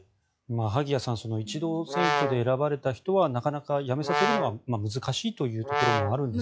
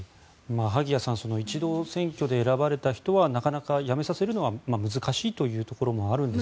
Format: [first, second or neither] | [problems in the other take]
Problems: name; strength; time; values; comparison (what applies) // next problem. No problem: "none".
second | noise reduction (classical method log-MMSE)